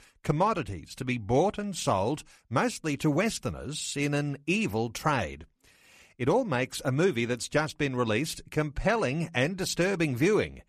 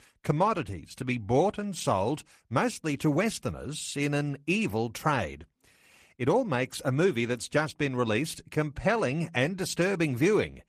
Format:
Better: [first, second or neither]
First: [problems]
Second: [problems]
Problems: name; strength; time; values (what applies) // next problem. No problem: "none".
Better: first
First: none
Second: garbled, watery; slightly; nothing above 14.5 kHz